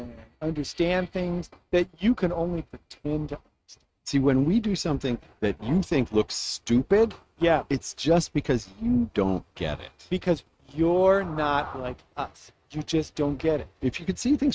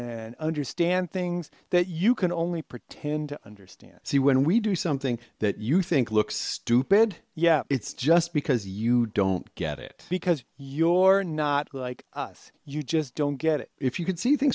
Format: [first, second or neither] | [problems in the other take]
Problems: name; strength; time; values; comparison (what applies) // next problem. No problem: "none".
second | noise reduction (neural mask model RNNoise)